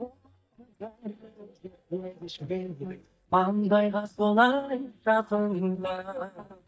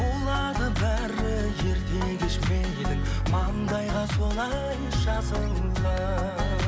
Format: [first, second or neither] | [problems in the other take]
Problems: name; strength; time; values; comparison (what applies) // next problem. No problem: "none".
second | noise reduction (neural mask model DeepFilterNet 3)